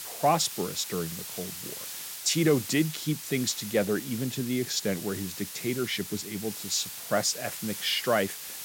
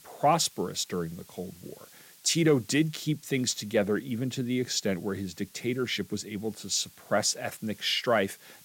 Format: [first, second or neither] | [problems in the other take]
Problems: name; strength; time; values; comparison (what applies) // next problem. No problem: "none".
second | hiss; loud; throughout; 8 dB below the speech; faint in the second